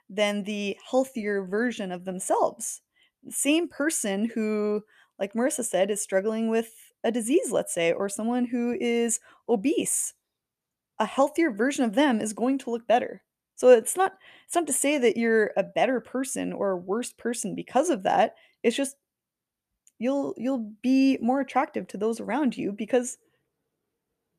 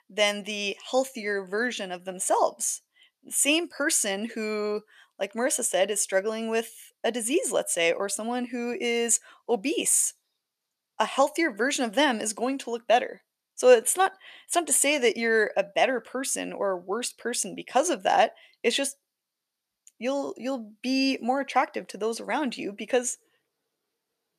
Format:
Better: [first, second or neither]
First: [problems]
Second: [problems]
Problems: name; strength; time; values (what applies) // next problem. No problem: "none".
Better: first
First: none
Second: thin; very slightly; fading below 650 Hz